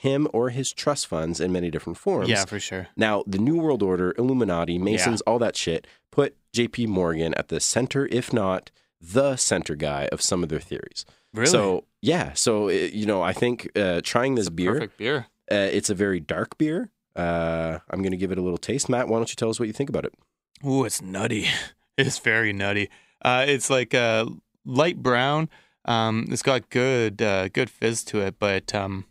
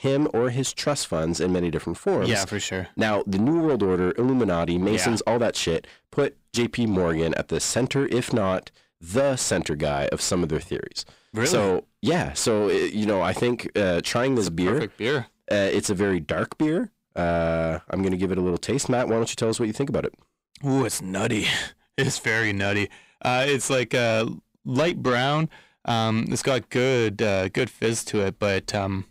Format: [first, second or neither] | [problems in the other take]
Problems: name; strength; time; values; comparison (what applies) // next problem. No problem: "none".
first | distortion; slight; 10 dB below the speech